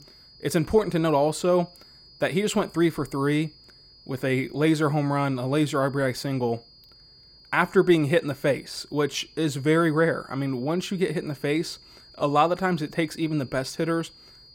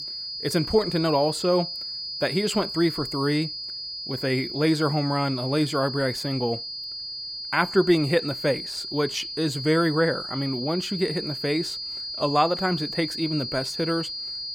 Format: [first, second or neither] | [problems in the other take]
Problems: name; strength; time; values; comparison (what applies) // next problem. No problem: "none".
first | high-pitched whine; loud; throughout; 5 kHz, 6 dB below the speech; faint in the first